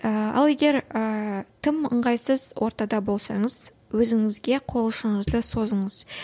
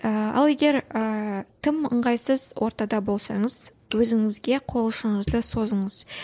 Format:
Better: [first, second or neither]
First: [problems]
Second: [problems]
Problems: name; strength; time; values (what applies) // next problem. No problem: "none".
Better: first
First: none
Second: noise reduction (neural mask model Resemble Enhance denoiser)